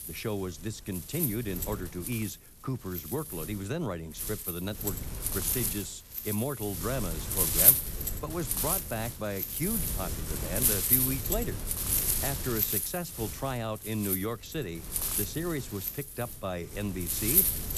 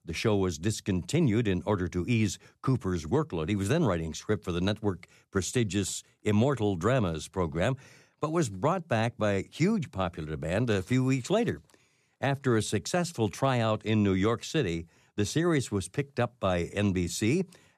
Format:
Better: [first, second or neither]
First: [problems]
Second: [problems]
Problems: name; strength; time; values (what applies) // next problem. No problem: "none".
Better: second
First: wind noise on the microphone; heavy; 3 dB above the speech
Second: none